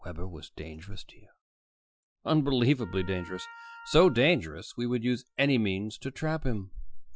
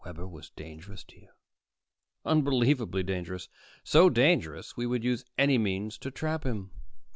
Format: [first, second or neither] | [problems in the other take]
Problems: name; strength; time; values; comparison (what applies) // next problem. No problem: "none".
second | noise reduction (classical method Wiener filter)